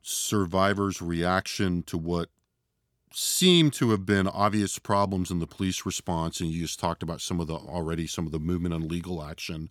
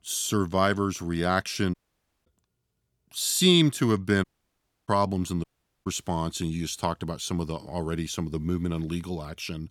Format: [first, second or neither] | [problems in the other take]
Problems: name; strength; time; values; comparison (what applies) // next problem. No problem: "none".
first | audio cutting out; at 1.5 s for 0.5 s, at 4 s for 0.5 s and at 5.5 s